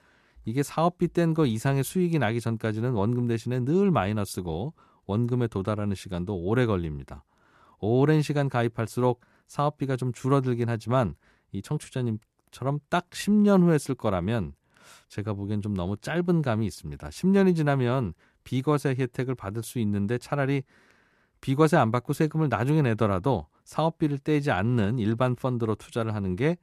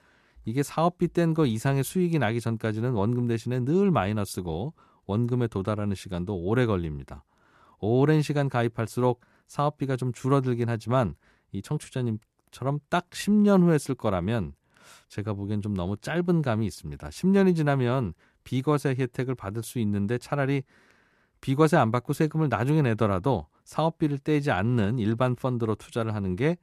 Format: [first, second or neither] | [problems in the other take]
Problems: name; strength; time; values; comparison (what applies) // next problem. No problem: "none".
neither | none